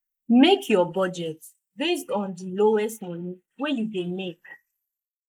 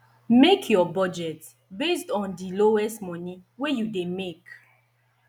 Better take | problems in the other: second | noise reduction (neural mask model Resemble Enhance denoiser)

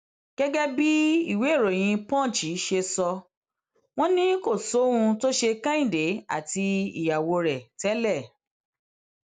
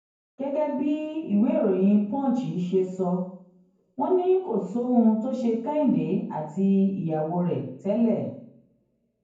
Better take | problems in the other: first | room echo; dies away in 0.9 s

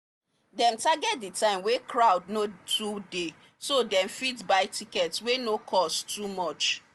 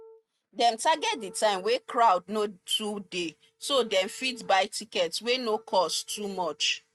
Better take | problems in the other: first | noise reduction (neural mask model RNNoise)

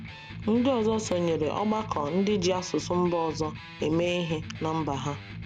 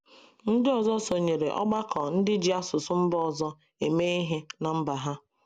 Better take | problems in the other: second | background sound (Electric guitar); 12 dB below the speech

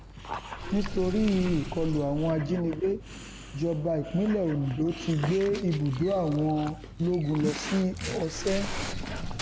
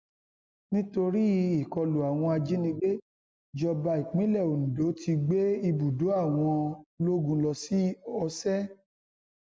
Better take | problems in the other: second | background sound (Dog + Sink (filling or washing) / Water); 8 dB below the speech

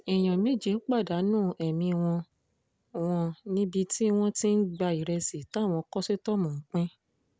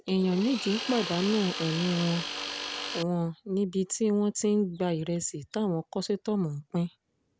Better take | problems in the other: first | background sound (Tools); 7 dB below the speech

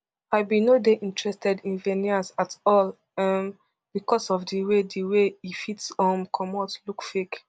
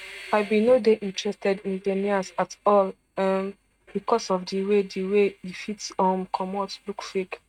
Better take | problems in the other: first | noise reduction (neural mask model RNNoise)

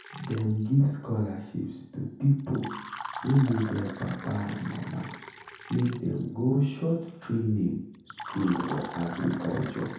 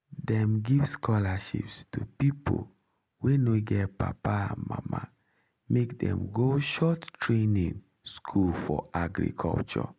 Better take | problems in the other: second | background sound (Fill (with liquid)); 15 dB below the speech // room echo; dies away in 0.7 s

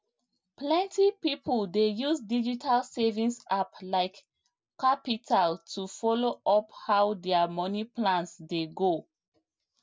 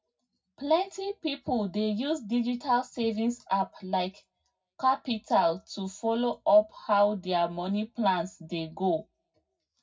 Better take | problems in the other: first | room echo; dies away in 0.4 s

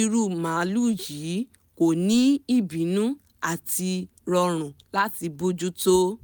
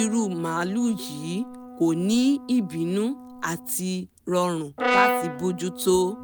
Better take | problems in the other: first | background sound (Brass instrument); 6 dB below the speech

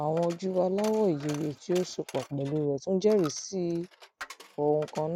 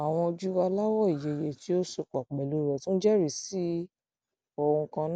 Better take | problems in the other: second | background sound (Coin (dropping)); 19 dB below the speech

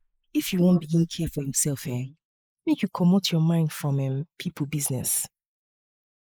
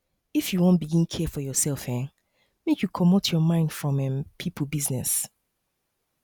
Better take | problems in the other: second | noise reduction (neural mask model Resemble Enhance denoiser)

